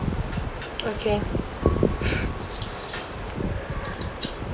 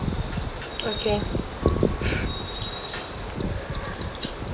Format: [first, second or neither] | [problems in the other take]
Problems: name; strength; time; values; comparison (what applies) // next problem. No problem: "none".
first | background sound (Bird vocalization, bird call, bird song); 14 dB below the speech